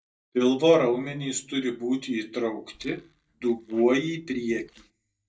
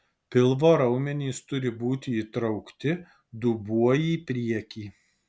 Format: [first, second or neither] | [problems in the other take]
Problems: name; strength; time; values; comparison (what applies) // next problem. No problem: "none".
second | noise reduction (neural mask model DeepFilterNet 3)